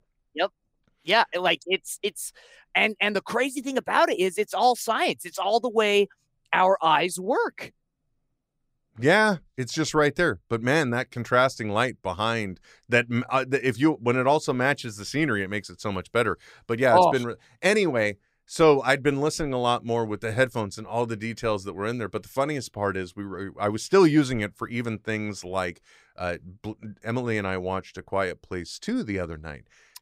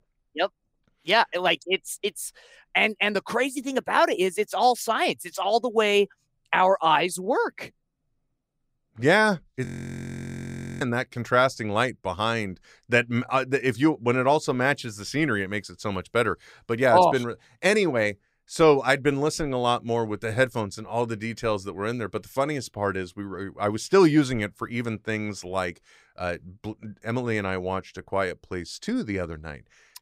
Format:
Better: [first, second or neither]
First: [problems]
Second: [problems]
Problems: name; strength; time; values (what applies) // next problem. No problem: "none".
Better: first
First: none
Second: audio freezing; at 9.5 s for 1 s